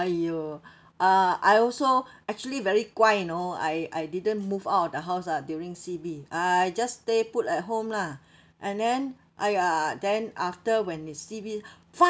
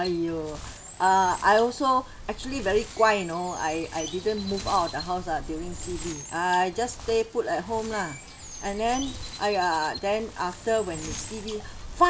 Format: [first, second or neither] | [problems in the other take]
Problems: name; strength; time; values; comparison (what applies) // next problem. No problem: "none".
first | background sound (Bird + Wind); 12 dB below the speech